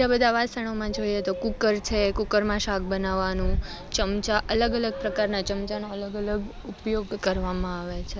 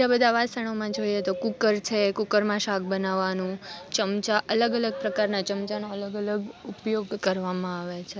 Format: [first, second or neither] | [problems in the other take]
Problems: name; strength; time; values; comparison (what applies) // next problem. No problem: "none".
second | background sound (Fixed-wing aircraft, airplane); 8 dB below the speech